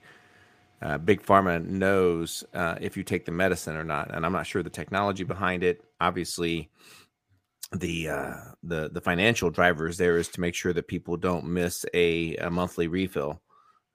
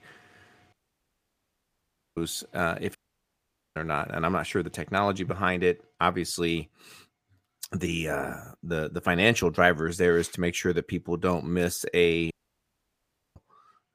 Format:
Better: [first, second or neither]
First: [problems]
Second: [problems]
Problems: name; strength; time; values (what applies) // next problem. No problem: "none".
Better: first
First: none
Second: audio cutting out; at 0.5 s for 1.5 s, at 3 s for 1 s and at 12 s for 1 s